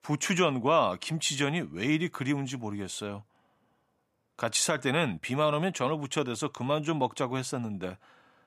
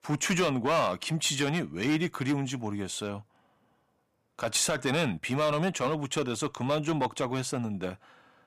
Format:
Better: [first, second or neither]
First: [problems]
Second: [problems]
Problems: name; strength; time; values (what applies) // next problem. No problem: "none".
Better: first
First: none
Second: distortion; slight; 5% of the sound clipped